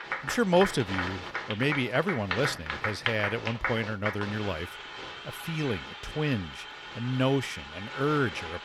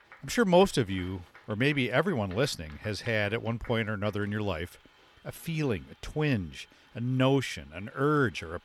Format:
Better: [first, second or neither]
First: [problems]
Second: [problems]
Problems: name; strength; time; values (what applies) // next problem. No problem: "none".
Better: second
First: crowd noise; loud; throughout; 5 dB below the speech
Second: crowd noise; faint; throughout; 25 dB below the speech